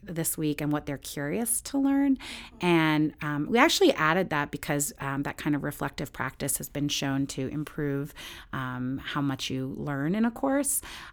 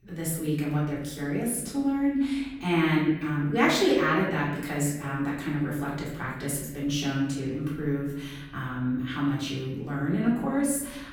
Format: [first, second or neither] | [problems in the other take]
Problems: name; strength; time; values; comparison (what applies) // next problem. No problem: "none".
first | off-mic speech; far // room echo; noticeable; dies away in 1.1 s